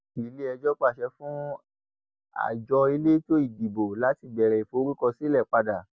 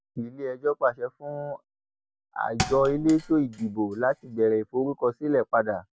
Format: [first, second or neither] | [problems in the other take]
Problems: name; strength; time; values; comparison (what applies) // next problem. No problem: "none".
first | background sound (Thump, thud); 12 dB below the speech